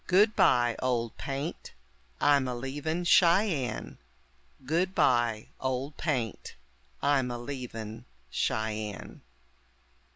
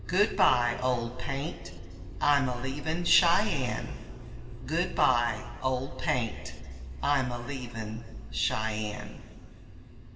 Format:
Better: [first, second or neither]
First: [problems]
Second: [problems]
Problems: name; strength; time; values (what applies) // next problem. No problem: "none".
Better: first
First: none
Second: background sound (Motor vehicle (road)); 12 dB below the speech // room echo; dies away in 2.2 s